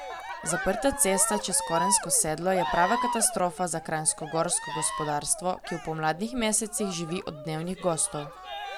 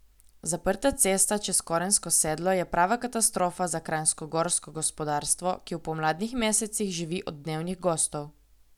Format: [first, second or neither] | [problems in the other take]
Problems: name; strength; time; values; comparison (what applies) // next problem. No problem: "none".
second | background sound (Cheering); 7 dB below the speech